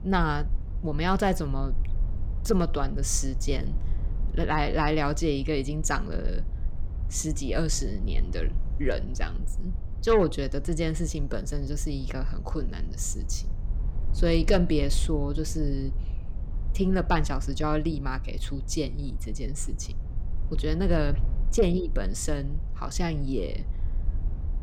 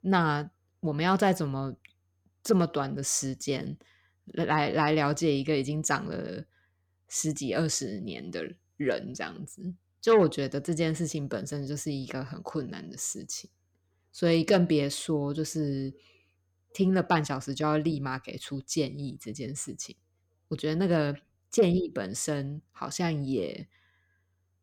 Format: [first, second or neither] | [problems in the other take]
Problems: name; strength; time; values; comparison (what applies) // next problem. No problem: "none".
second | low rumble; faint; throughout; 20 dB below the speech